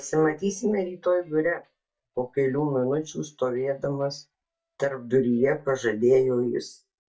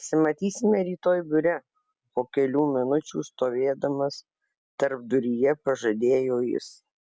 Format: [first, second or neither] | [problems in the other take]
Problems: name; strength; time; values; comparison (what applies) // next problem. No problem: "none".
second | noise reduction (neural mask model DeepFilterNet 3)